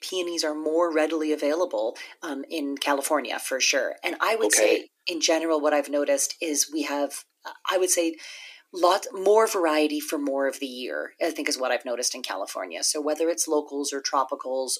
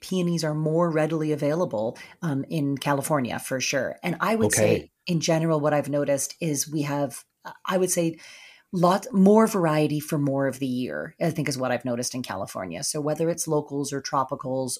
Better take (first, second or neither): second